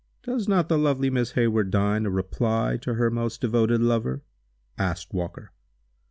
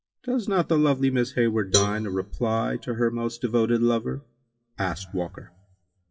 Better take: first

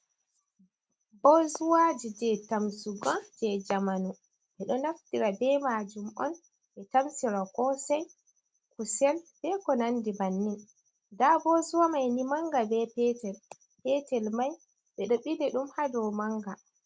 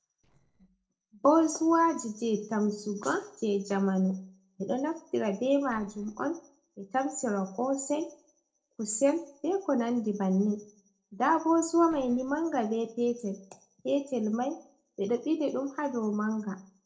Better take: first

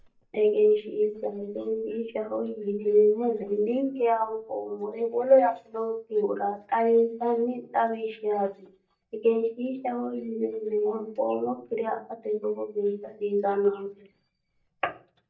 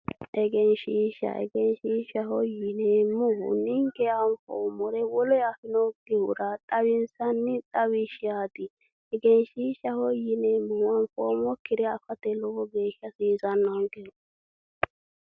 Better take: second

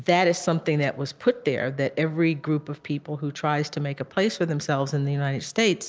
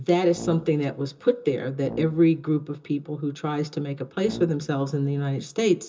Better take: first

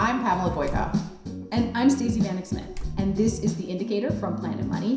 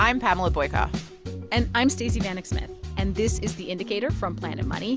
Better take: second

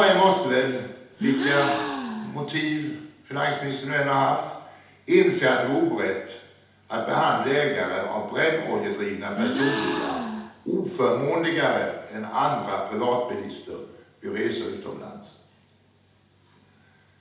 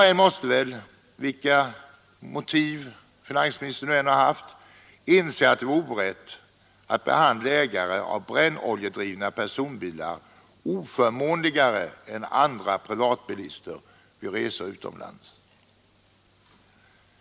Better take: second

